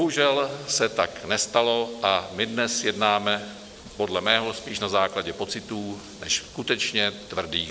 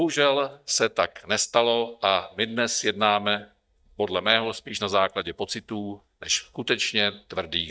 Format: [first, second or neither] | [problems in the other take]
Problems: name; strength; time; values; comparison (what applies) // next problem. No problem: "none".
first | noise reduction (neural mask model DeepFilterNet 3)